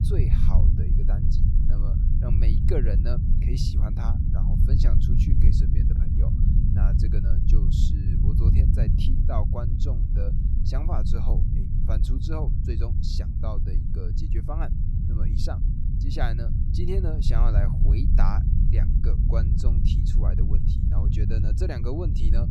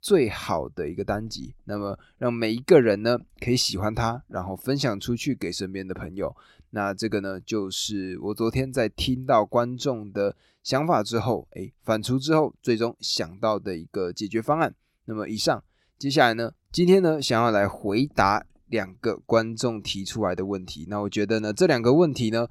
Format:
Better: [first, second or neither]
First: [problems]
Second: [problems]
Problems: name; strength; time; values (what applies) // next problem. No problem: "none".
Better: second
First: low rumble; loud; throughout; as loud as the speech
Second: none